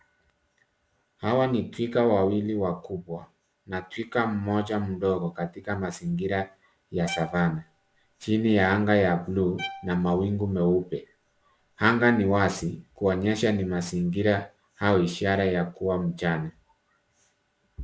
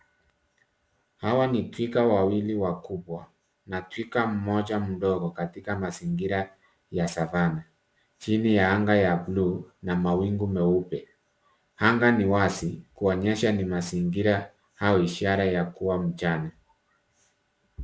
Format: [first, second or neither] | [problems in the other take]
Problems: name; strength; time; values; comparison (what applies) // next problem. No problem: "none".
second | background sound (Bowed string instrument); 17 dB below the speech